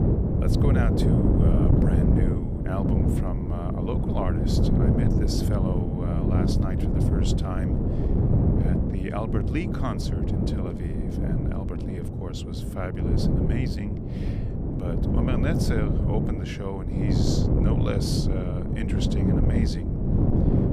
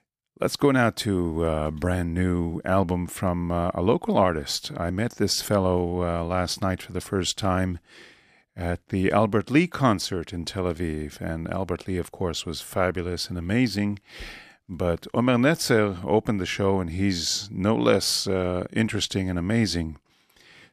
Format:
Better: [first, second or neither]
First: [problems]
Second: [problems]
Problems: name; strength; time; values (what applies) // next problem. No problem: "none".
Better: second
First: wind noise on the microphone; heavy; 3 dB above the speech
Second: none